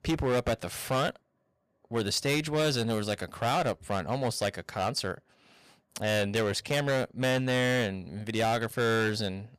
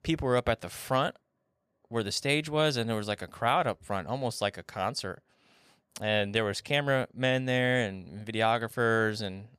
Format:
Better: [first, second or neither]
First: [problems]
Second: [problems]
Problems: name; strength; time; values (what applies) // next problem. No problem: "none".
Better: second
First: distortion; heavy; 12% of the sound clipped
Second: none